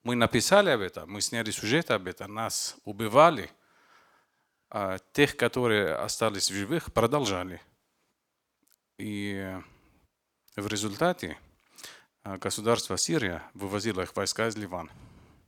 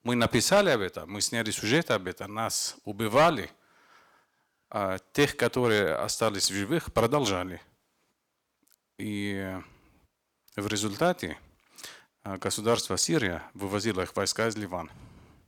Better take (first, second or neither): first